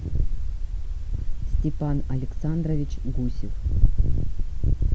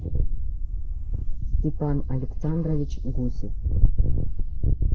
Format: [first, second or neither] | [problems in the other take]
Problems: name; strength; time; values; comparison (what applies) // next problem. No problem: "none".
first | noise reduction (neural mask model Resemble Enhance denoiser)